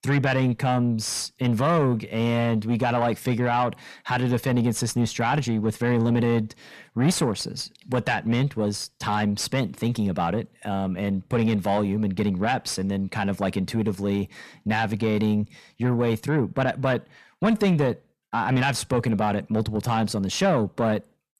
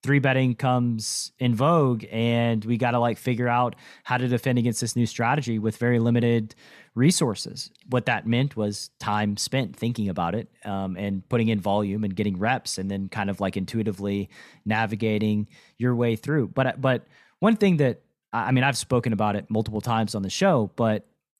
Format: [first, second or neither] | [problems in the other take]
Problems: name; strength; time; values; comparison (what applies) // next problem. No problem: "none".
second | distortion; slight; 10 dB below the speech